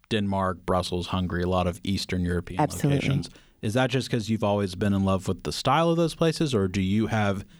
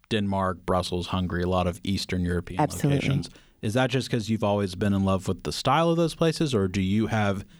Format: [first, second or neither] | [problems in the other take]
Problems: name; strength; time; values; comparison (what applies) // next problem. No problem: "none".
neither | none